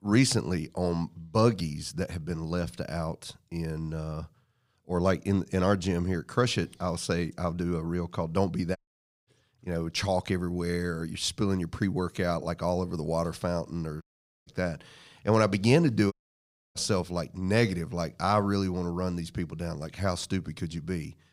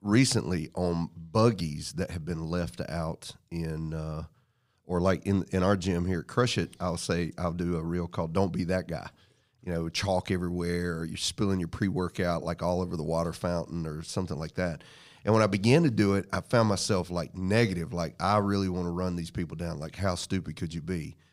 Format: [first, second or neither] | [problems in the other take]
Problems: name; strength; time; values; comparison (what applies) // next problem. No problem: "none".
second | audio cutting out; at 9 s for 0.5 s, at 14 s and at 16 s for 0.5 s